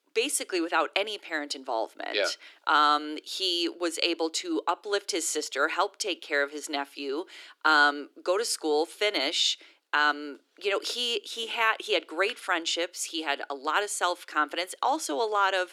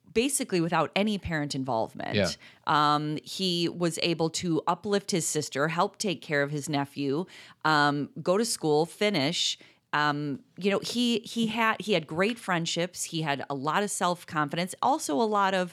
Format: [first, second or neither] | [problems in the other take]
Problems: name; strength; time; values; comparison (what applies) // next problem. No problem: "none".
second | thin; somewhat; fading below 300 Hz